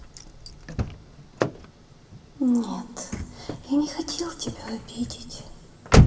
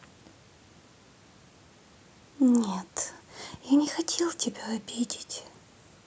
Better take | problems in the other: second | background sound (Slam / Car); 5 dB above the speech // room echo; dies away in 1.6 s

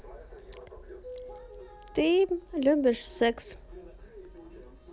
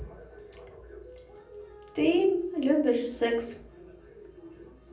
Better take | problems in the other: first | room echo; dies away in 0.6 s

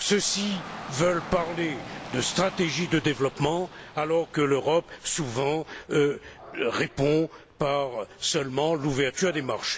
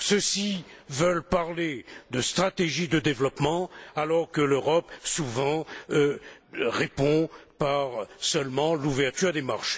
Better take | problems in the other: second | background sound (Rain / Dog); 16 dB below the speech

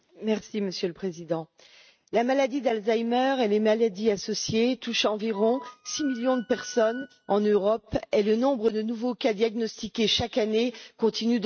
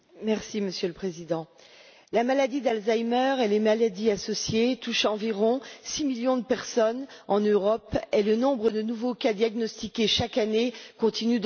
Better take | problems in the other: second | noise reduction (neural mask model RNNoise)

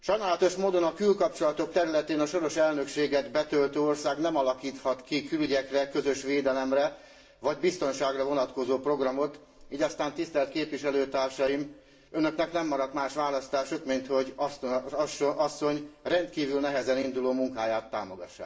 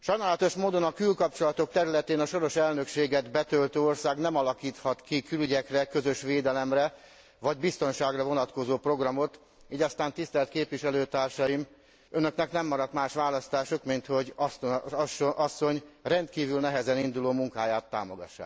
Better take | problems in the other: second | room echo; dies away in 0.6 s

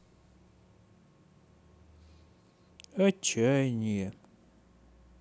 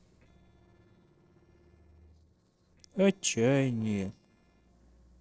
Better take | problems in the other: first | noise reduction (neural separator model SepFormer DNS4)

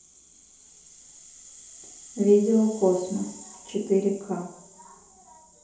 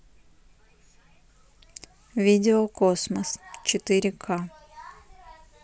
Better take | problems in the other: second | background sound (Rattle (instrument)); 20 dB below the speech // room echo; dies away in 2.8 s

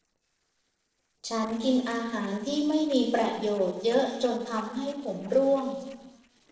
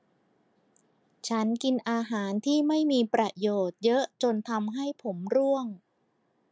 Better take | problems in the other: second | noise reduction (neural separator model SepFormer DNS4)

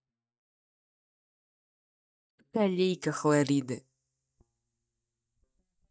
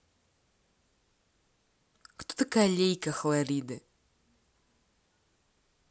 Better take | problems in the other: second | noise reduction (neural mask model DeepFilterNet 3)

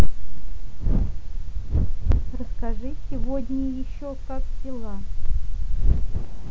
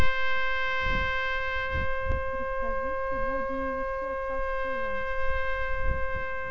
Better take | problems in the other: first | background sound (Trumpet); 2 dB below the speech

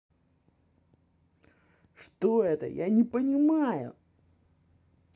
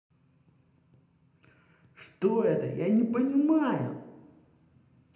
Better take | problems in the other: first | room echo; dies away in 0.8 s

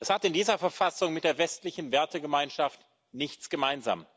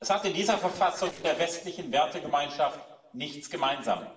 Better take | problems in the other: first | noise reduction (neural separator model SepFormer DNS4)

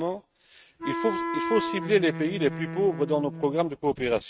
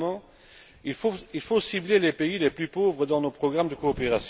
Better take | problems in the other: second | noise reduction (neural mask model RNNoise)

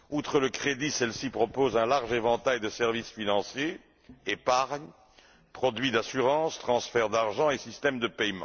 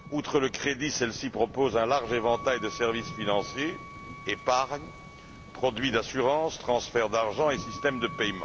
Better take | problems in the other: first | background sound (Thunder + Wind instrument, woodwind instrument); 14 dB below the speech

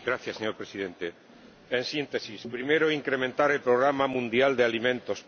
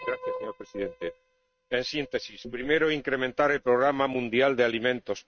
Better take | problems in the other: first | noise reduction (neural mask model RNNoise)

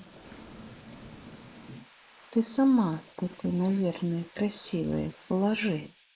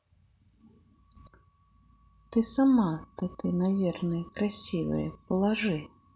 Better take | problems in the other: second | noise reduction (neural mask model Resemble Enhance denoiser)

